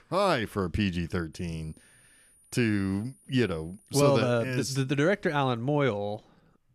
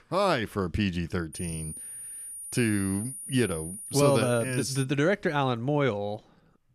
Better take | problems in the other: first | high-pitched whine; loud; from 1.5 to 5 s; 9.5 kHz, 10 dB below the speech; faint in the first

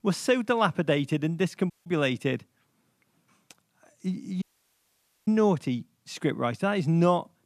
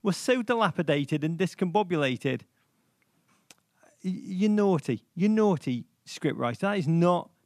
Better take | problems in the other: second | audio cutting out; at 1.5 s and at 4.5 s for 1 s

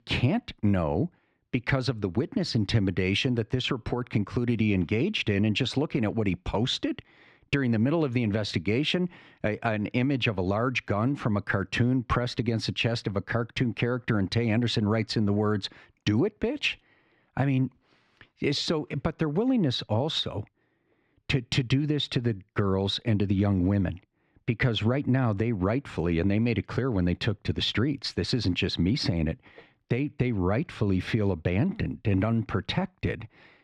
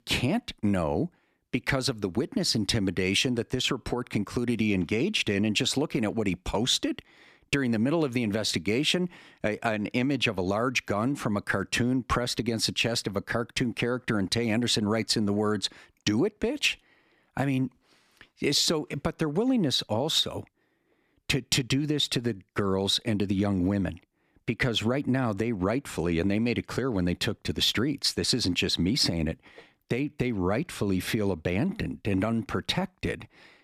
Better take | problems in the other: second | muffled; very slightly; fading above 3.5 kHz

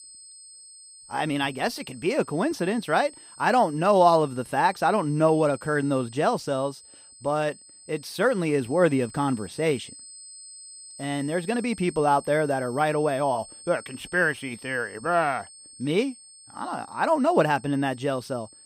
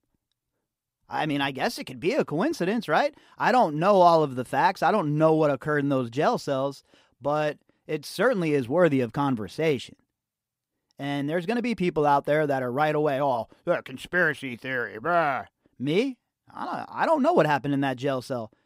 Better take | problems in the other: second | high-pitched whine; noticeable; throughout; 8 kHz, 20 dB below the speech

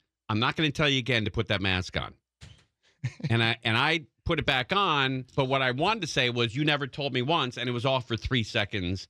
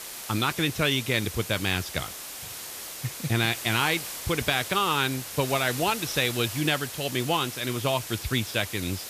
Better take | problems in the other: first | hiss; loud; throughout; 8 dB below the speech

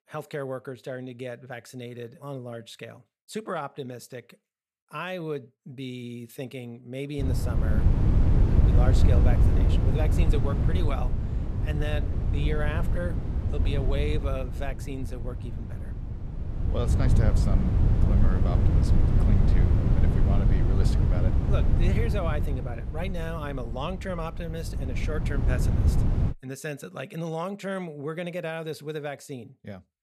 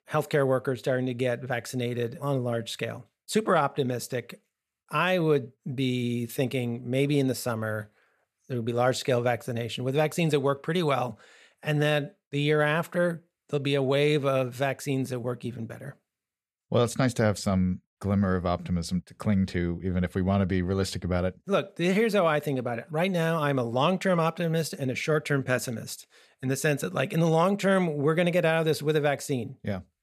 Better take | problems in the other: second | wind noise on the microphone; heavy; from 7 to 26 s; 2 dB below the speech

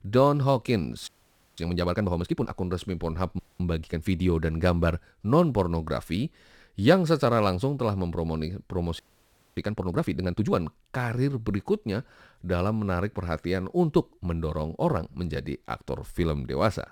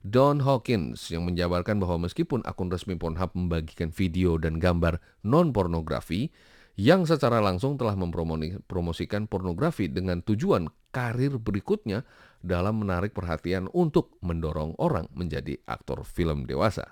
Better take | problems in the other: second | audio freezing; at 1 s, at 3.5 s and at 9 s for 0.5 s

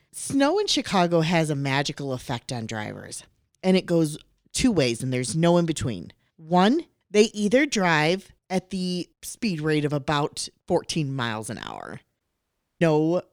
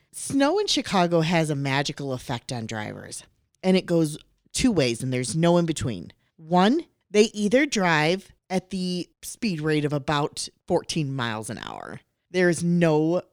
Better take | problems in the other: second | audio cutting out; at 12 s for 0.5 s

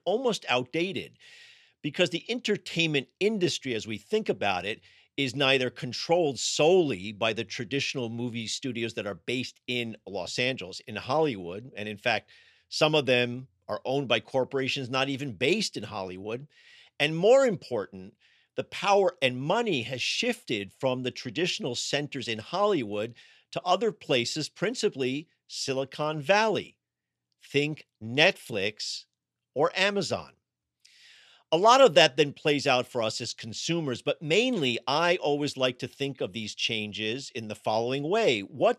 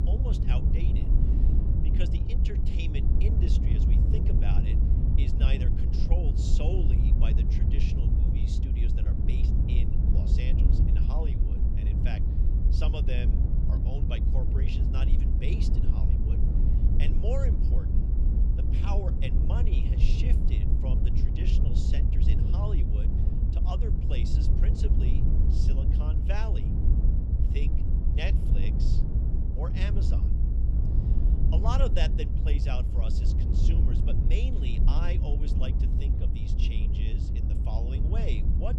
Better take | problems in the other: first | low rumble; loud; throughout; 1 dB below the speech

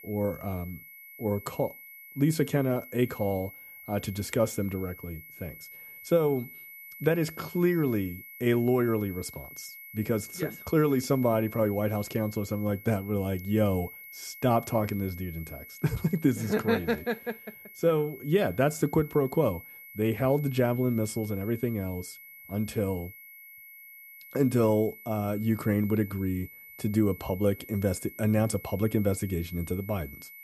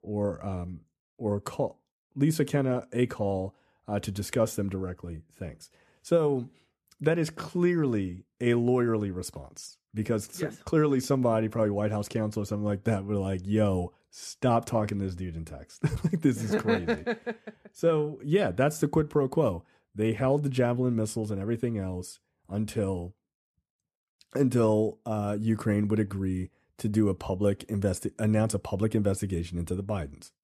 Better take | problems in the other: second | high-pitched whine; noticeable; throughout; 2 kHz, 15 dB below the speech

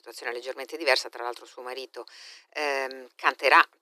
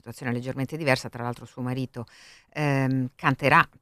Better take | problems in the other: second | thin; very; fading below 350 Hz

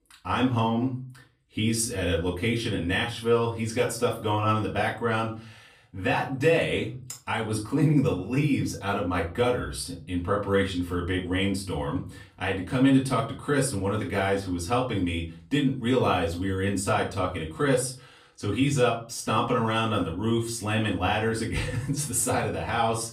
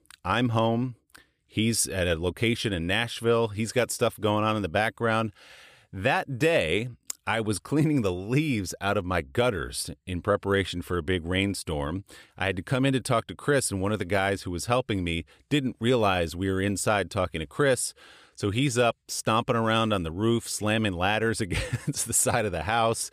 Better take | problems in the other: second | off-mic speech; far // room echo; slight; dies away in 0.3 s

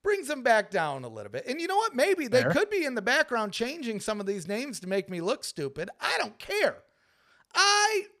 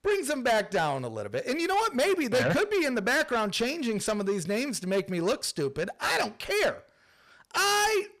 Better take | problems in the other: first | distortion; heavy; 7 dB below the speech

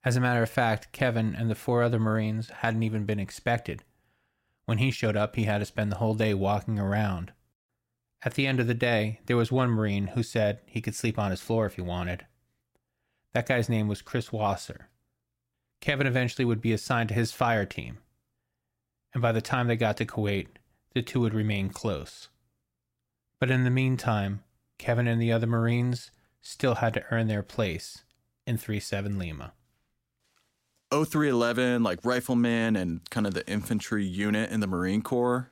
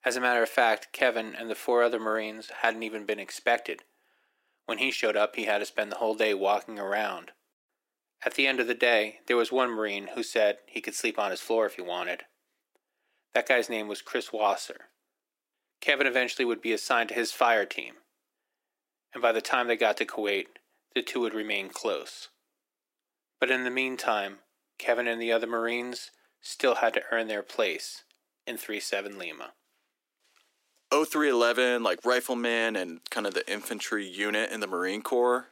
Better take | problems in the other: first | thin; very; fading below 300 Hz

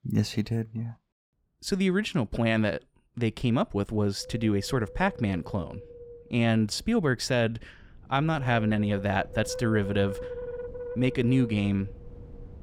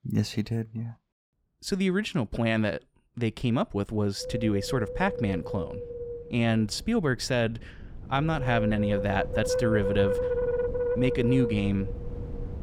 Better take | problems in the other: first | wind noise on the microphone; heavy; from 4.5 s on; 1 dB below the speech; occasional gusts in the first

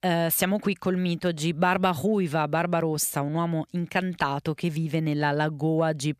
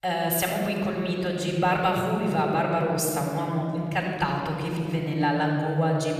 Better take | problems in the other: first | off-mic speech; somewhat distant // room echo; noticeable; dies away in 2.4 s

